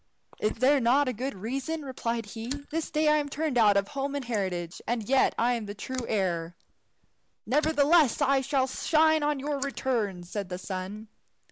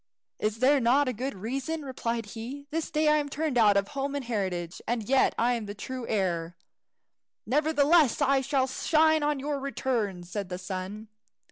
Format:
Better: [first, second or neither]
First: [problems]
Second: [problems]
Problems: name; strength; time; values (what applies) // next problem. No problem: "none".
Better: second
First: noise reduction (neural mask model Resemble Enhance denoiser)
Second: none